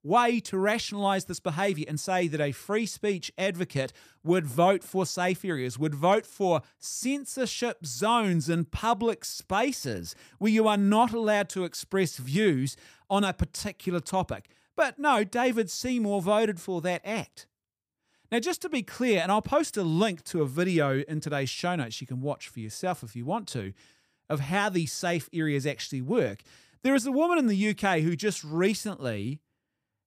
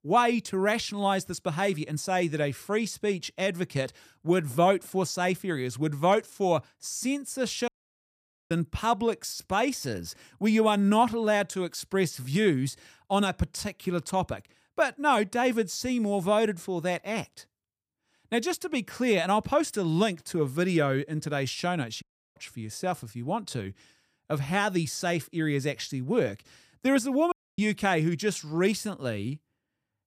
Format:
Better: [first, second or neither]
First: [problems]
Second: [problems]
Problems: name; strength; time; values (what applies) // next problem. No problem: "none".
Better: first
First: none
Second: audio cutting out; at 7.5 s for 1 s, at 22 s and at 27 s